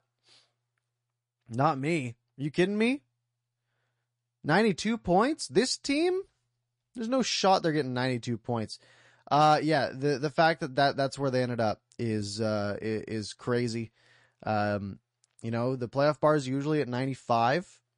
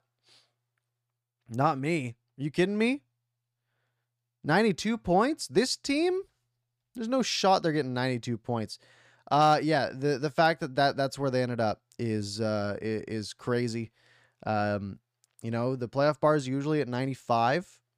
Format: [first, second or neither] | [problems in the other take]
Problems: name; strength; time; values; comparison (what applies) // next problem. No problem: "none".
second | garbled, watery; slightly; nothing above 10.5 kHz